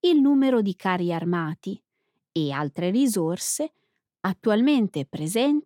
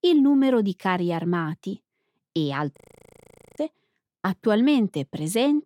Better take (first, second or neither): first